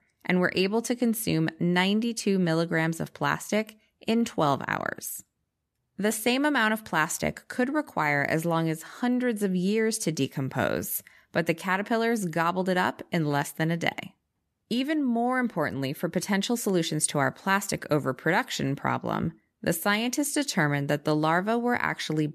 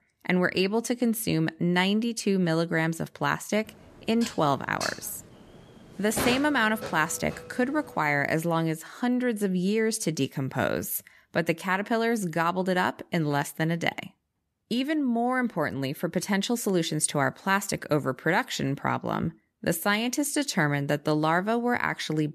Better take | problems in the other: first | clattering dishes; noticeable; from 4 to 8 s; peak 3 dB below the speech

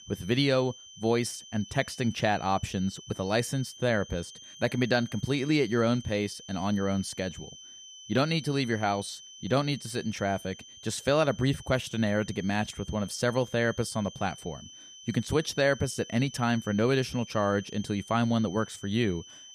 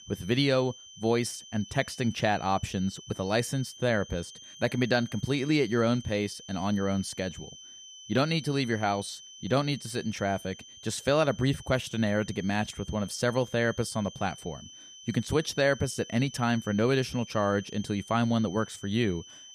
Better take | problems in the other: neither | high-pitched whine; noticeable; throughout; 3 kHz, 15 dB below the speech; the same in both

